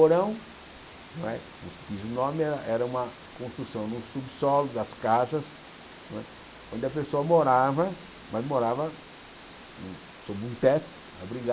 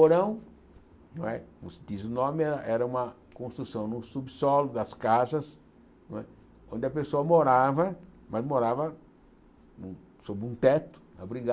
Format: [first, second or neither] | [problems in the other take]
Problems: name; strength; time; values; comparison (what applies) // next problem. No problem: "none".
second | background sound (Water); 19 dB below the speech